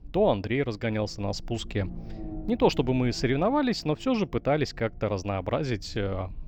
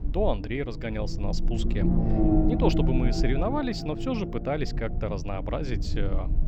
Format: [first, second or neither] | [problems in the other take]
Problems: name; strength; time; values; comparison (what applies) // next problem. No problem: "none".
first | low rumble; loud; throughout; 3 dB below the speech; faint in the first